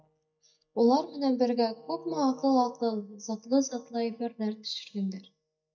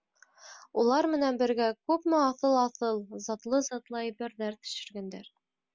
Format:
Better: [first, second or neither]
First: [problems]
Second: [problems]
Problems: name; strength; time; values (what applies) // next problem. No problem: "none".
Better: second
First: noise reduction (neural mask model DeepFilterNet 3)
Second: none